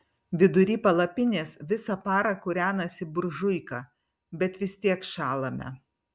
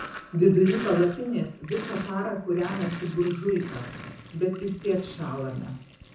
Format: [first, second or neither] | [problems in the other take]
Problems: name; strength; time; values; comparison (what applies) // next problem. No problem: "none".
first | background sound (Sink (filling or washing)); 14 dB below the speech // room echo; dies away in 0.5 s